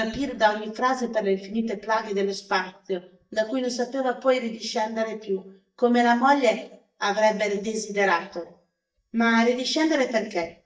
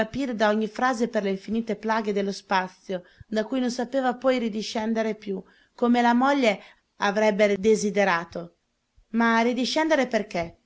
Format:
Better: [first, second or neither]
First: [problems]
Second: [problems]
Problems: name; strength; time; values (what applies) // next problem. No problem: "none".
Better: second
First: noise reduction (neural mask model DeepFilterNet 3)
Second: none